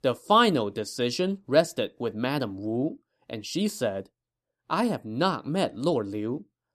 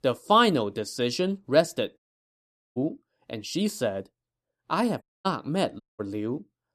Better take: first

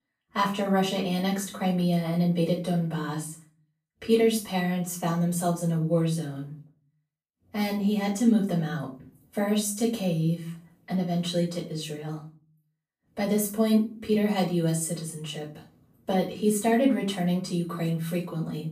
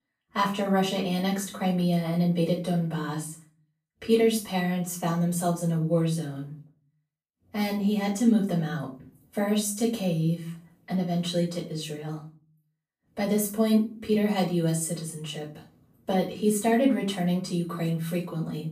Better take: neither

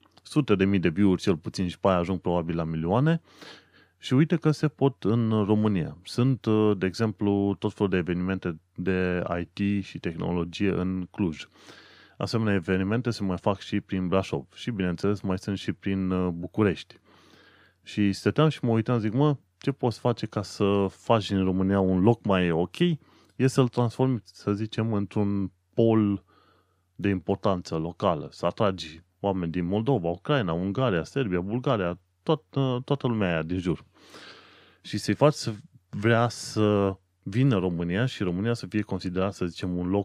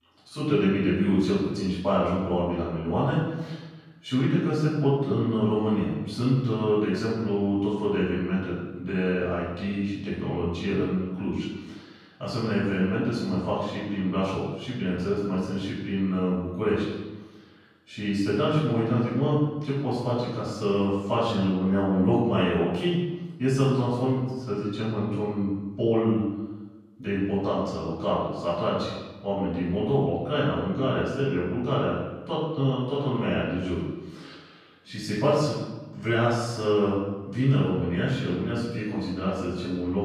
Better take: first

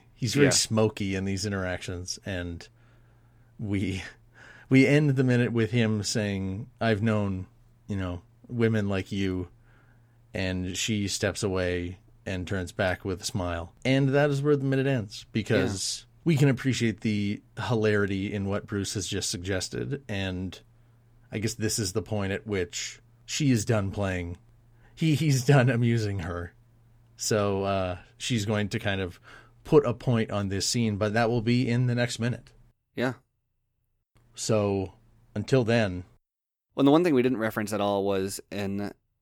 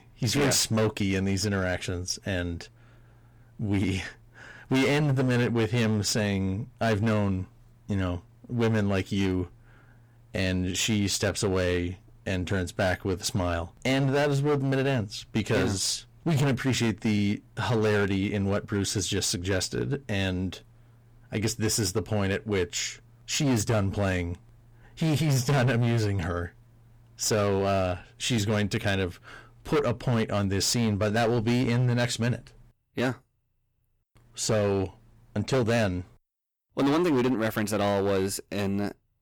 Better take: first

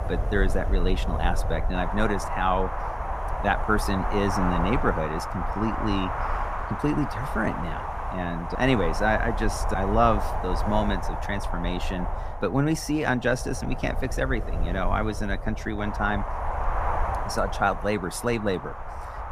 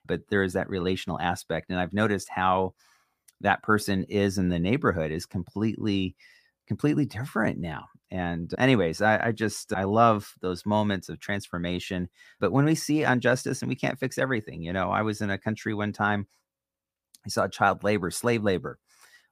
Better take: second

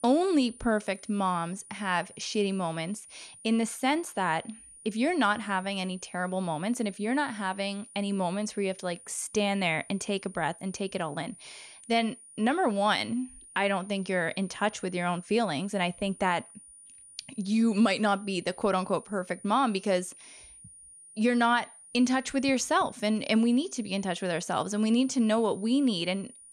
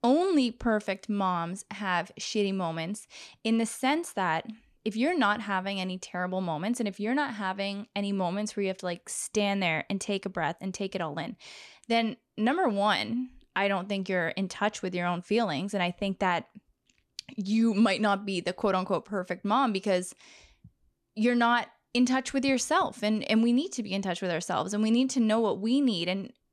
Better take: second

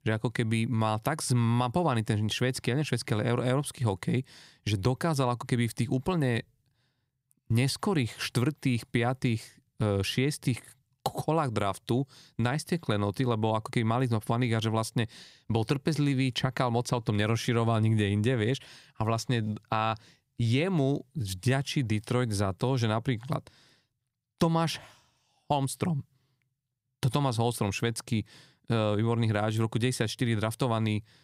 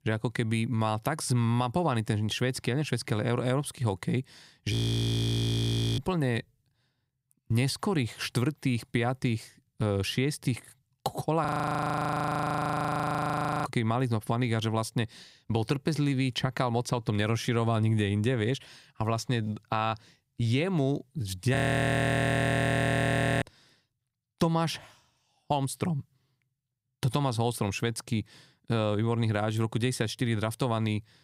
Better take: first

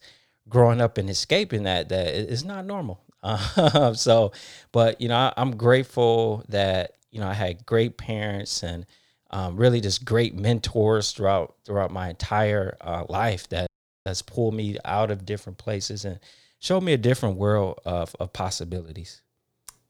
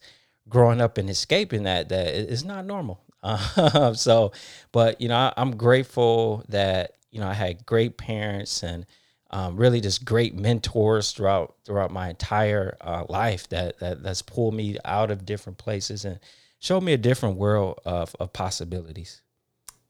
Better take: second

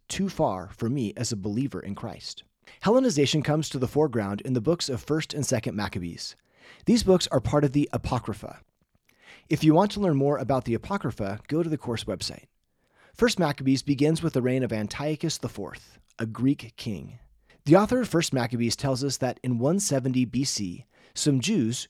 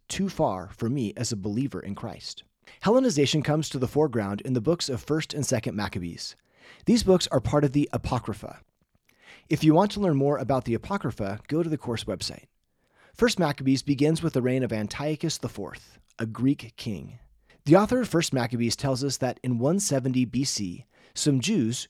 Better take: neither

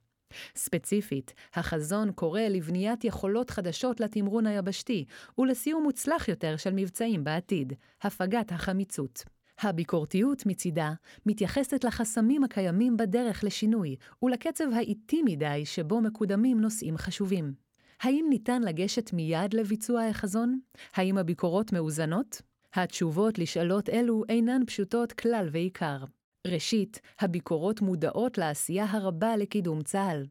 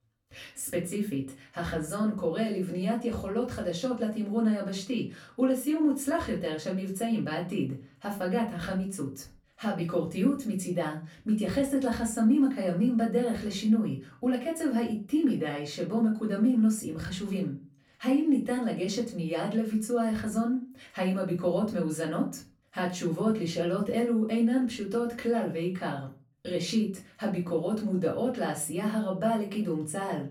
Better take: first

